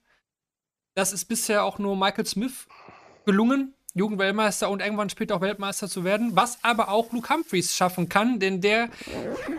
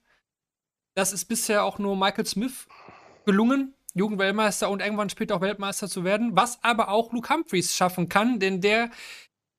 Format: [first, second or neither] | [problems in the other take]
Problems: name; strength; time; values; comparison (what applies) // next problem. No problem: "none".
second | household noises; noticeable; from 5.5 s on; 20 dB below the speech